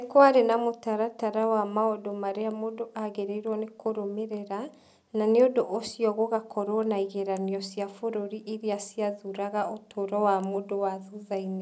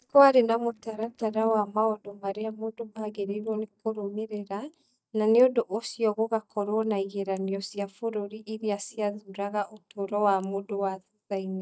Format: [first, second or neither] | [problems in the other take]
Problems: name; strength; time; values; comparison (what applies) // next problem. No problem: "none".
first | noise reduction (neural mask model DeepFilterNet 3)